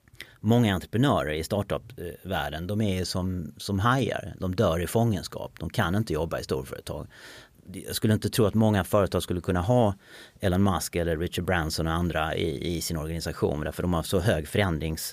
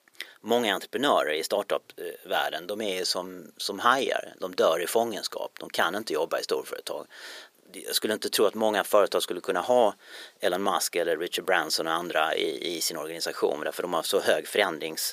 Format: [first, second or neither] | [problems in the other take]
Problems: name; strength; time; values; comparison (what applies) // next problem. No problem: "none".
first | thin; very; fading below 400 Hz